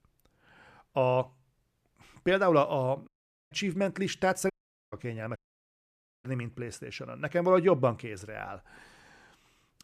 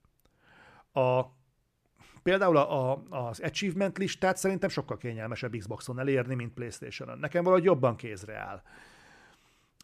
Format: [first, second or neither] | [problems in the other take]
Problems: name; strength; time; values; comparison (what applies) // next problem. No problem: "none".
second | audio cutting out; at 3 s, at 4.5 s and at 5.5 s for 1 s